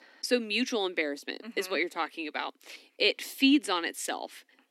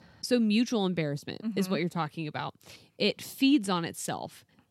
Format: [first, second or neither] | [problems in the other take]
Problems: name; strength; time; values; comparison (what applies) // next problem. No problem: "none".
second | thin; very slightly; fading below 250 Hz